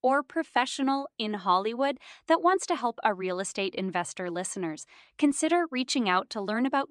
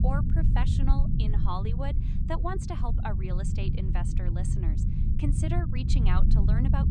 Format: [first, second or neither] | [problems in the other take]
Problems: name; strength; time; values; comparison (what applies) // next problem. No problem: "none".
first | low rumble; loud; throughout; 3 dB below the speech